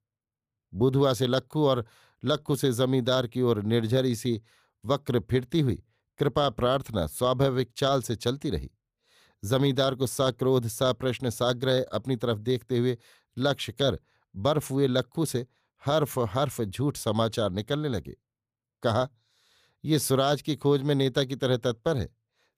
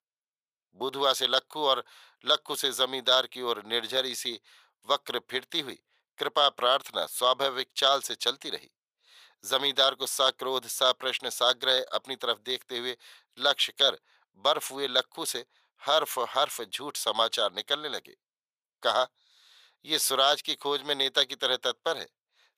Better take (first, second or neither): first